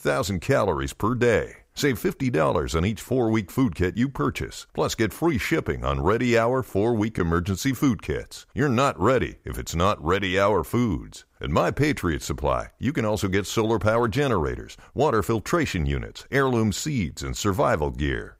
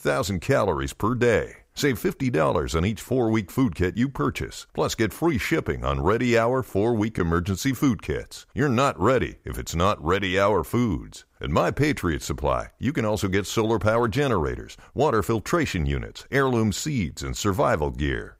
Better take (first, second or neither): neither